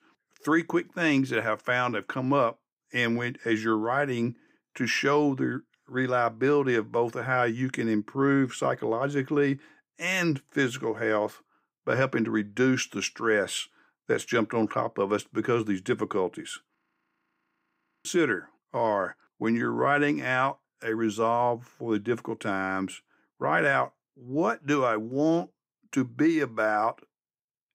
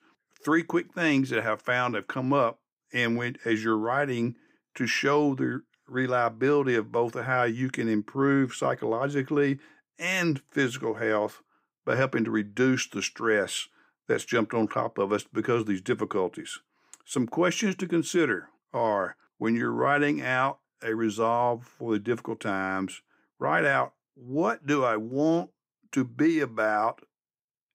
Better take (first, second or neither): second